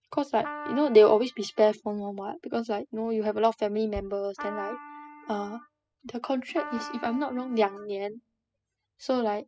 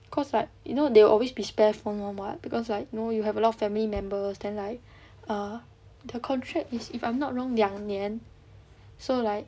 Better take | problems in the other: second | noise reduction (classical method spectral subtraction)

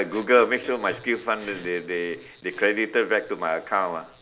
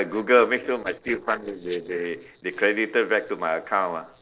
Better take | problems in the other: first | noise reduction (neural separator model SepFormer DNS4)

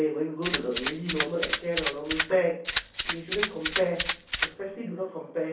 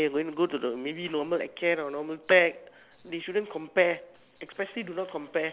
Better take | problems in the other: second | background sound (Rattle (instrument)); 1 dB below the speech // room echo; dies away in 0.6 s

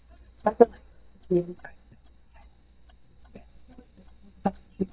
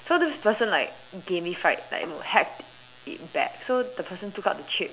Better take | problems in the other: second | noise reduction (neural mask model DeepFilterNet 3)

